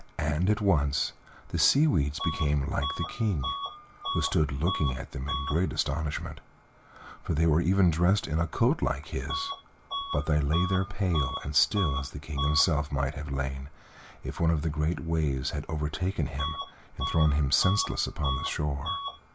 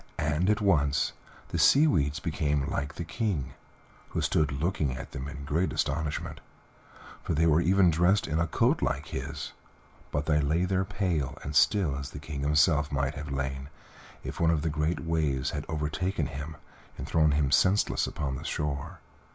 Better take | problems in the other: second | background sound (Bus / Alarm); 11 dB below the speech

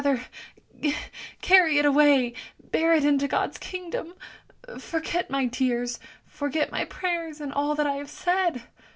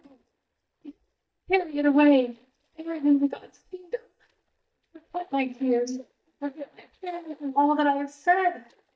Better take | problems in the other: first | noise reduction (neural mask model DeepFilterNet 3)

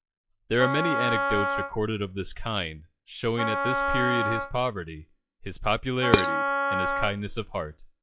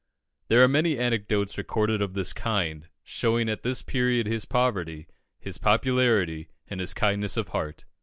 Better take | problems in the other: second | noise reduction (classical method log-MMSE)

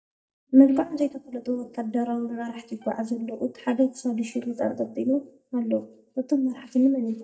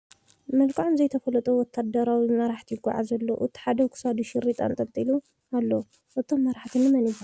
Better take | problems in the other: second | noise reduction (neural mask model DeepFilterNet 3)

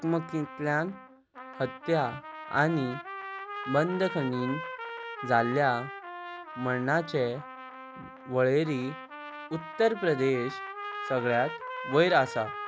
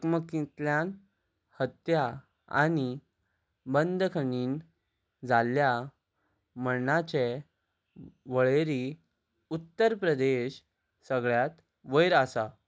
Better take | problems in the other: second | background sound (Trumpet); 10 dB below the speech

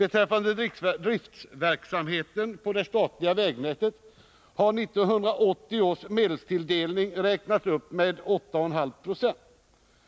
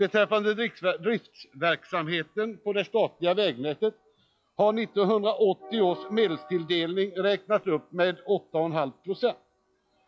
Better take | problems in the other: first | noise reduction (classical method log-MMSE)

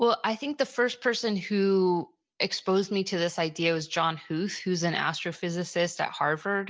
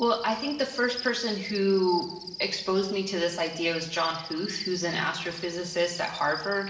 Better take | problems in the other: first | background sound (Cricket); 12 dB below the speech // room echo; dies away in 1.2 s

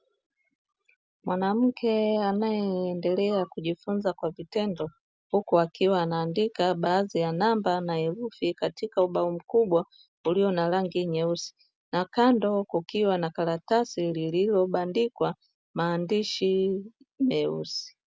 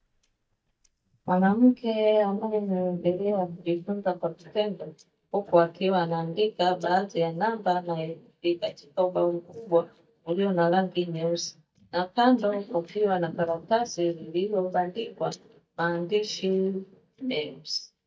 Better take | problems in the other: first | noise reduction (neural mask model DeepFilterNet 3)

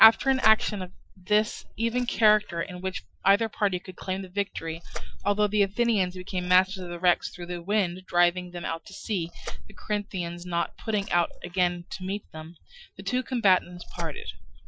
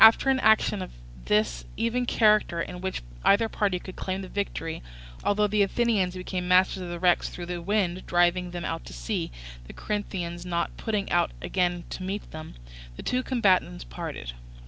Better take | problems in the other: second | noise reduction (classical method Wiener filter)

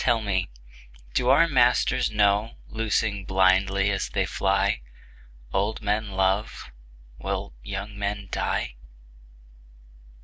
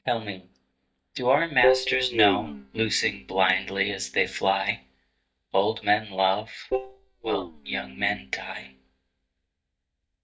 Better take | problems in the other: first | noise reduction (neural mask model DeepFilterNet 3)

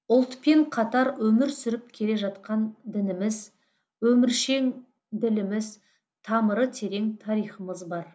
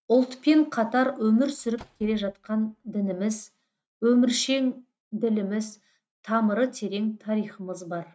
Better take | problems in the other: first | noise reduction (neural mask model RNNoise)

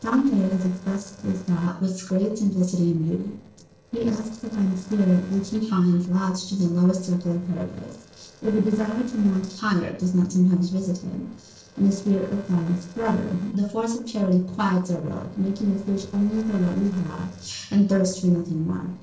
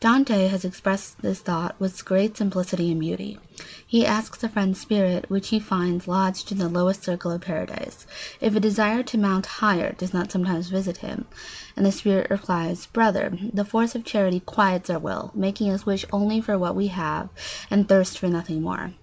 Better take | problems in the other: second | noise reduction (neural separator model SepFormer DNS4)

